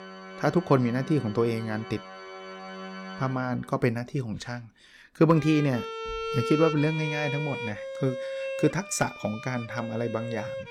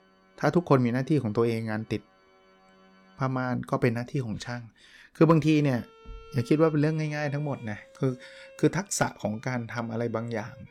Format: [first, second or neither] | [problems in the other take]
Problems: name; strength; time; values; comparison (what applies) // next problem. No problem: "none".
second | background music; loud; throughout; 8 dB below the speech; faint in the second